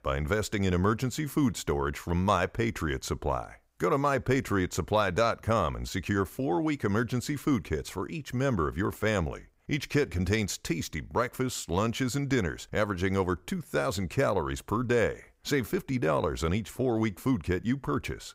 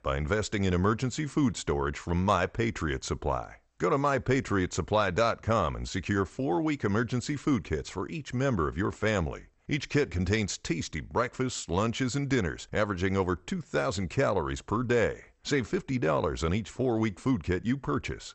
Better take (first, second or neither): first